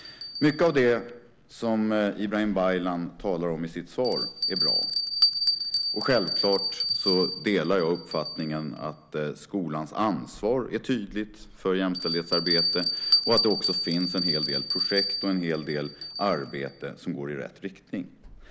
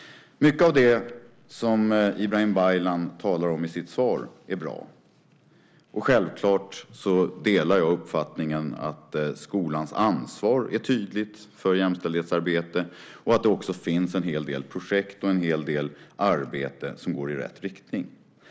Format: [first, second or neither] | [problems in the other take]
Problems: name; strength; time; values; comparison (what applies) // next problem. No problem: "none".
second | background sound (Bell); 3 dB below the speech